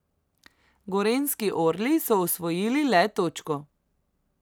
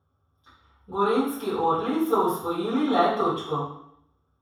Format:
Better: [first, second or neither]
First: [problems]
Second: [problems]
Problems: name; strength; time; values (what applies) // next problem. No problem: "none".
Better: first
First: none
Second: room echo; dies away in 0.7 s